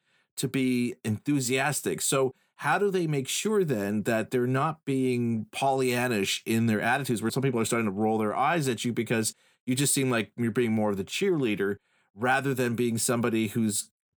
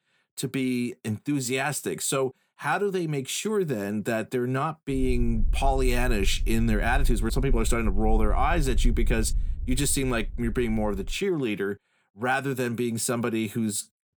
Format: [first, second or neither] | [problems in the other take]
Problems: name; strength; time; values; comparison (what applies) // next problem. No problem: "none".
first | low rumble; faint; from 5 to 11 s; 25 dB below the speech